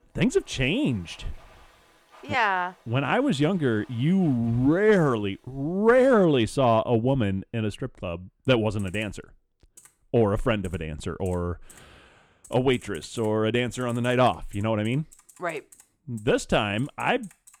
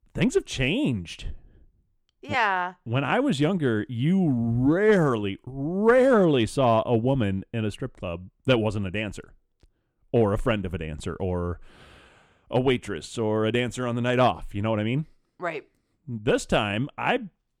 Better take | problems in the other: second | household noises; faint; throughout; 30 dB below the speech

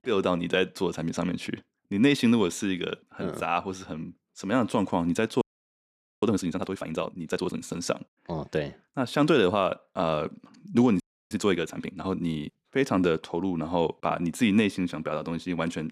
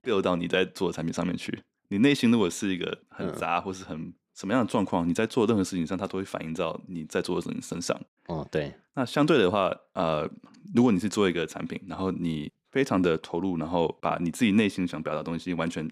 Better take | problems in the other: second | audio freezing; at 5.5 s for 1 s and at 11 s

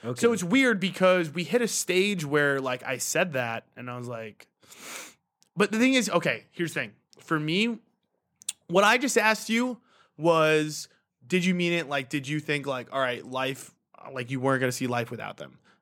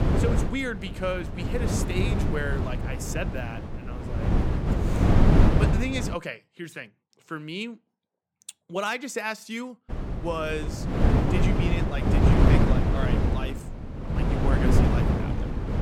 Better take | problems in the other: first | wind noise on the microphone; heavy; until 6 s and from 10 s on; 1 dB above the speech

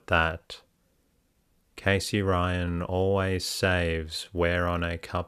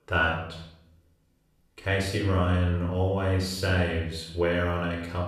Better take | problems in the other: first | off-mic speech; far // room echo; noticeable; dies away in 0.7 s

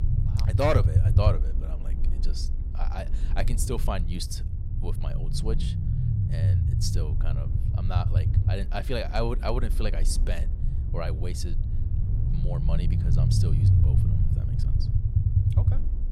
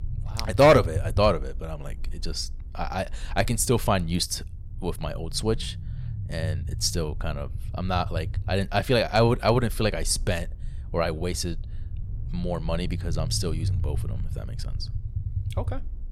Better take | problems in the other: second | low rumble; loud; throughout; 6 dB below the speech; faint in the second

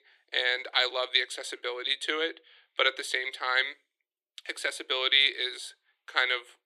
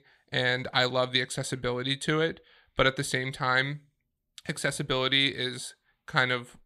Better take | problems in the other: second | thin; very; fading below 350 Hz

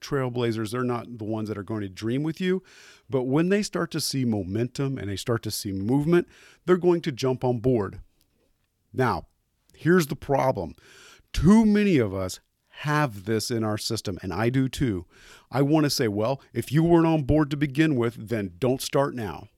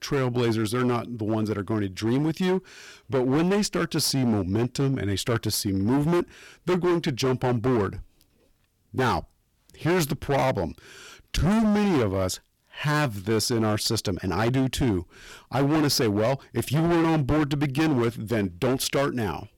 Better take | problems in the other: first | distortion; heavy; 17% of the sound clipped

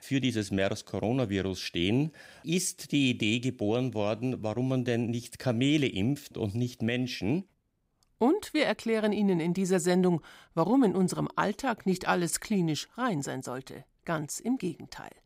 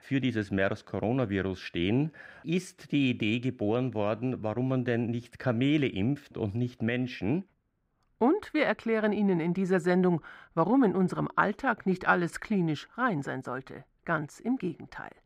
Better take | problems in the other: first | muffled; slightly; fading above 4 kHz

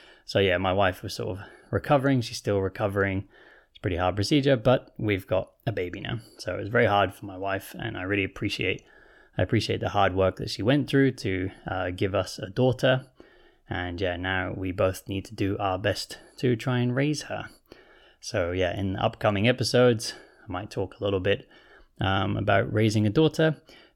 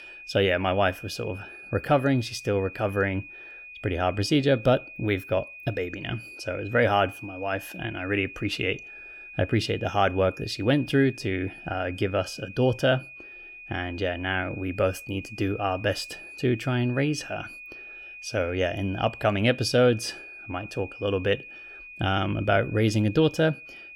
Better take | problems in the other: first | high-pitched whine; noticeable; throughout; 2.5 kHz, 15 dB below the speech

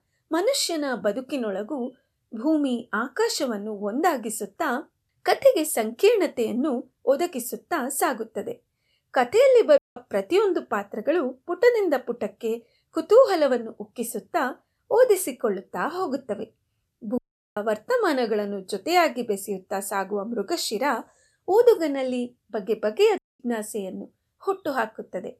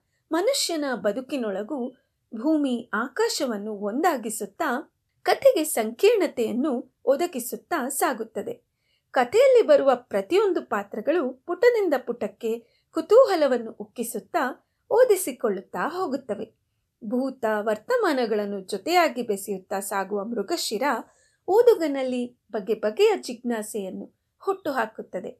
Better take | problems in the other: second | audio cutting out; at 10 s, at 17 s and at 23 s

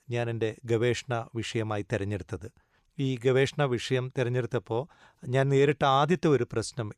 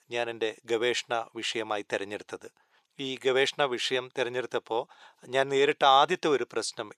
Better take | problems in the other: first | thin; very; fading below 450 Hz

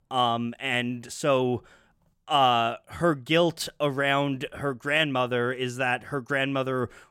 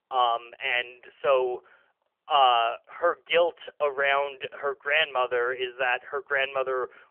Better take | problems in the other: first | phone-call audio; nothing above 3 kHz

